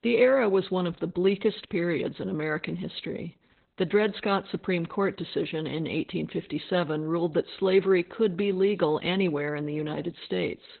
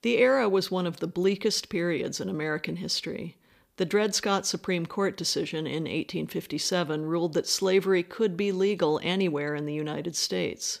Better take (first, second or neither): second